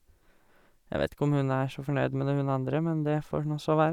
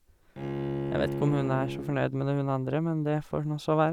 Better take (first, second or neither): first